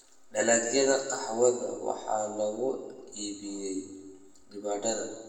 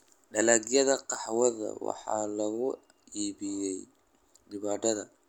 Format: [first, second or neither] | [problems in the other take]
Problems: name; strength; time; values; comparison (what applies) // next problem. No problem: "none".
second | room echo; dies away in 1.2 s